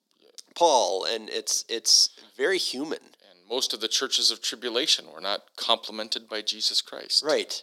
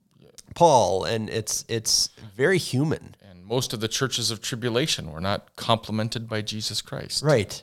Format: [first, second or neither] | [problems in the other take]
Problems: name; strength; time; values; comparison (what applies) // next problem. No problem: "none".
second | thin; somewhat; fading below 300 Hz